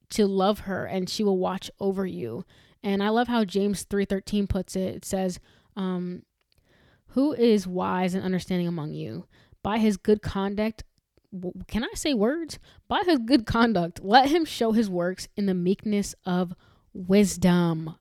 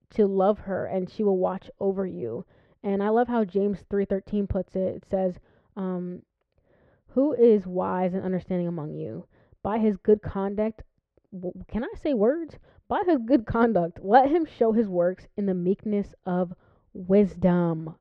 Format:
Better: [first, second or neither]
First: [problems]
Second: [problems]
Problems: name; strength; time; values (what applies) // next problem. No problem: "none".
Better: first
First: none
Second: muffled; very; fading above 1.5 kHz